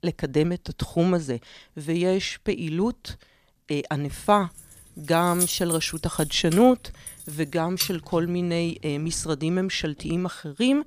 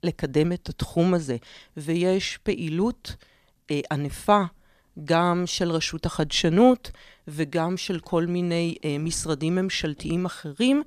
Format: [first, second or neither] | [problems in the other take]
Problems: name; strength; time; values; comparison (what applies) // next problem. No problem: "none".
second | jangling keys; loud; from 5 to 8 s; peak level with the speech